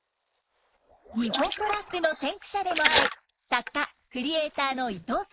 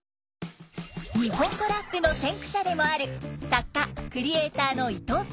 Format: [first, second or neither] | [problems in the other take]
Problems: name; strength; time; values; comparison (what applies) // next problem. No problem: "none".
second | noise reduction (neural mask model Resemble Enhance denoiser)